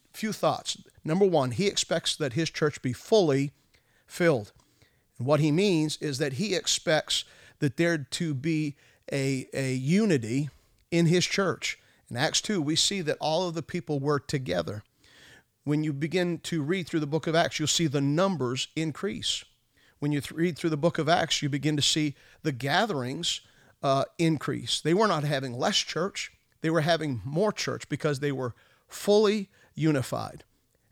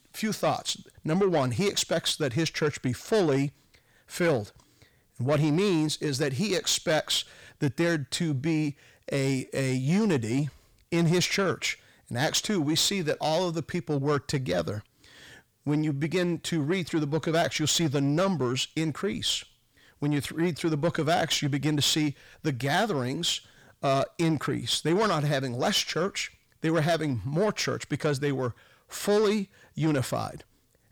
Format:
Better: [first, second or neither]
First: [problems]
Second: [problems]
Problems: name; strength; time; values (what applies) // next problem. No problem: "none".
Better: first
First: none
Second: distortion; slight; 10 dB below the speech